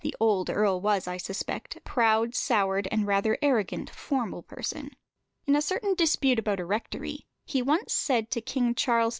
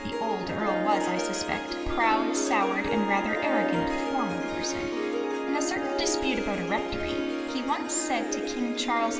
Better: first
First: none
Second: background sound (Harp); as loud as the speech // room echo; dies away in 2 s

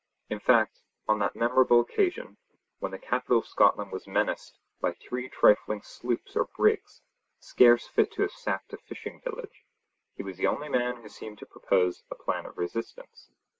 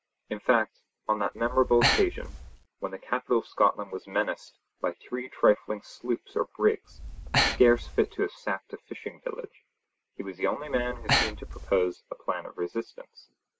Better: first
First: none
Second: background sound (Breathing); 2 dB below the speech

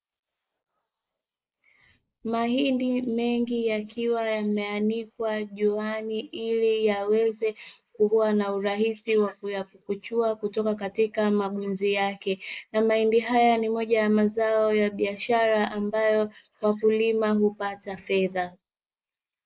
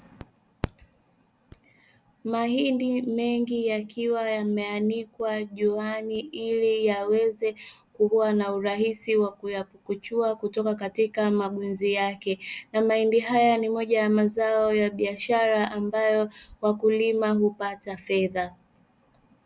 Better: second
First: noise reduction (neural mask model Resemble Enhance denoiser)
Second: none

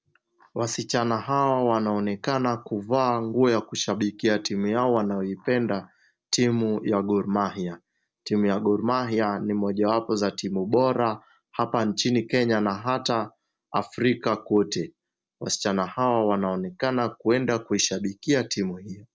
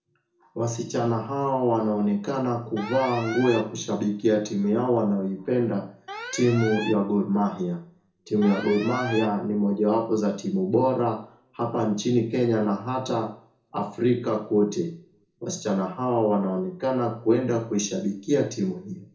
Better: first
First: none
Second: background sound (Alarm); 13 dB below the speech // room echo; dies away in 0.5 s

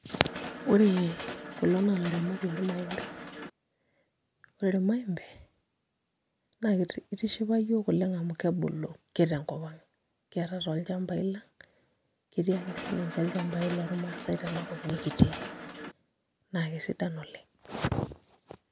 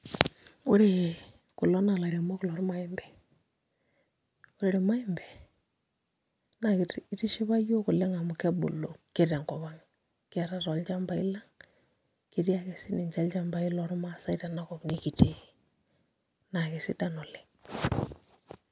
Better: second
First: background sound (Mechanisms); 9 dB below the speech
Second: none

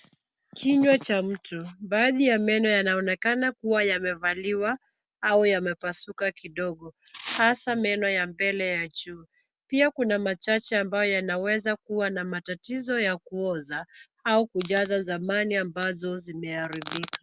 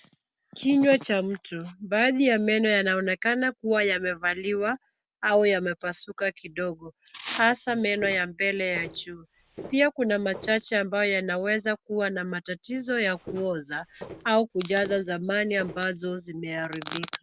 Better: first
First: none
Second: background sound (Walk, footsteps); 18 dB below the speech

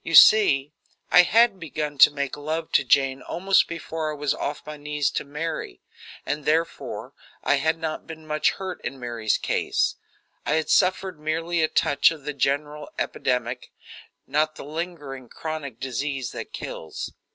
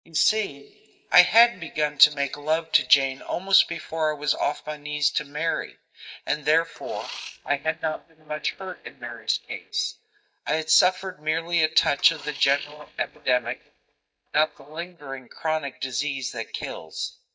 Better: first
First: none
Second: noise reduction (neural mask model DeepFilterNet 3)

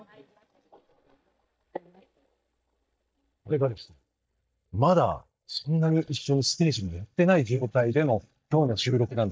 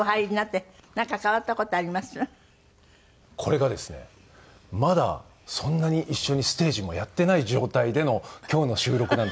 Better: second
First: noise reduction (neural mask model DeepFilterNet 3)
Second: none

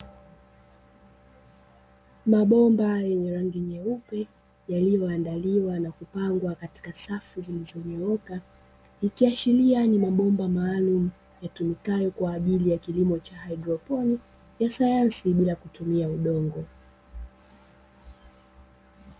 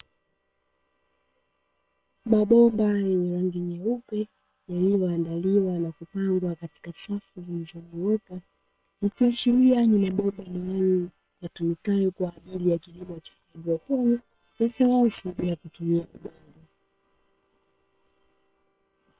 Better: first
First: none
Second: noise reduction (neural separator model SepFormer WHAM!)

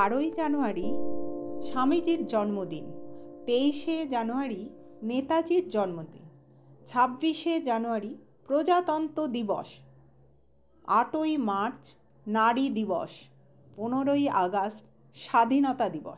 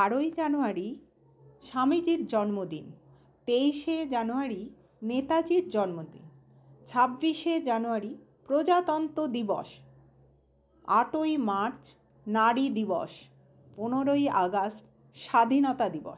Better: second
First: background sound (Piano); 10 dB below the speech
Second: none

